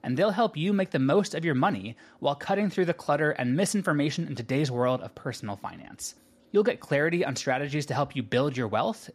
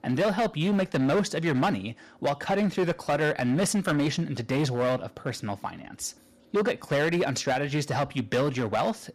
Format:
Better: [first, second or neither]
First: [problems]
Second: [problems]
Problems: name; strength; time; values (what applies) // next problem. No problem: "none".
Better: first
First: none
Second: distortion; slight; 11% of the sound clipped